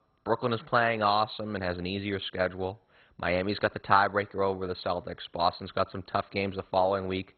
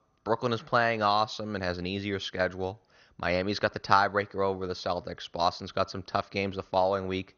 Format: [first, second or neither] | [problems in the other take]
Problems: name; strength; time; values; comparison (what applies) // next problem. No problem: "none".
second | garbled, watery; badly; nothing above 4 kHz; slightly in the second